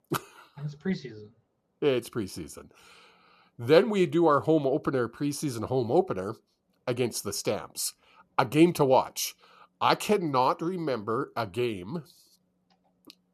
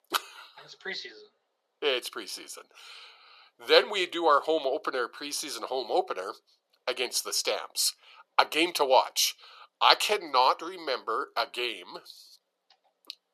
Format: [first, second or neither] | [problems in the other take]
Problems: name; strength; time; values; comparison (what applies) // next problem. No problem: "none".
first | thin; very; fading below 500 Hz